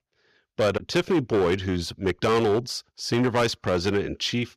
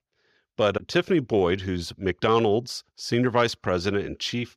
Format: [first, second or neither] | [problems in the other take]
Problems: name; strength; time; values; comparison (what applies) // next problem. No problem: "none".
second | distortion; slight; 8% of the sound clipped